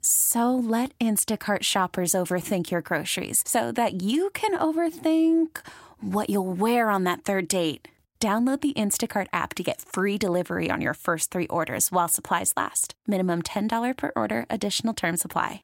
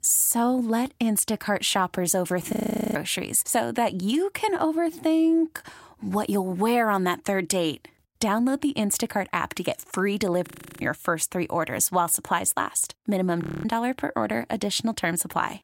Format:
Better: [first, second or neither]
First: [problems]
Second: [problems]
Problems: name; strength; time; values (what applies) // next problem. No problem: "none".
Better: first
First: none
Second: audio freezing; at 2.5 s, at 10 s and at 13 s